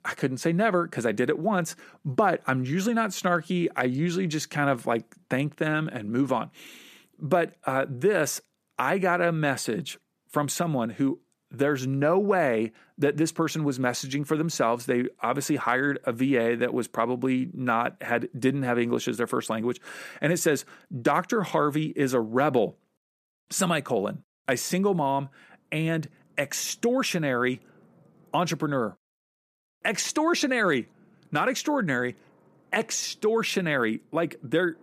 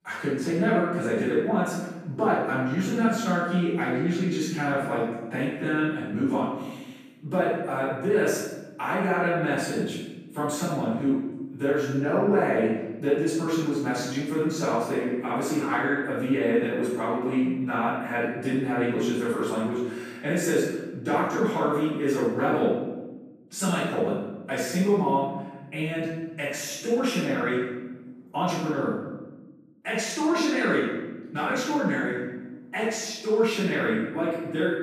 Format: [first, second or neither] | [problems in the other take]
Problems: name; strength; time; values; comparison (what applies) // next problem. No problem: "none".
first | off-mic speech; far // room echo; strong; dies away in 1 s